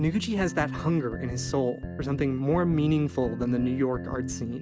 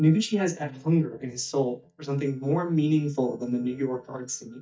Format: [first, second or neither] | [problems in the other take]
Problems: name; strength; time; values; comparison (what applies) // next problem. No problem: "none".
first | noise reduction (neural mask model DeepFilterNet 3)